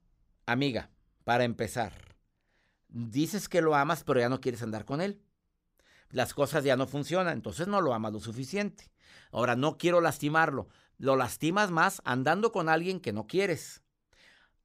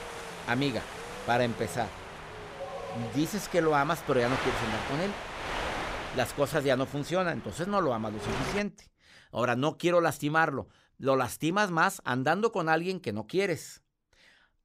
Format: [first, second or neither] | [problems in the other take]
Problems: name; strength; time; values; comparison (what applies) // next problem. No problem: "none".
first | wind noise on the microphone; heavy; until 8.5 s; 7 dB below the speech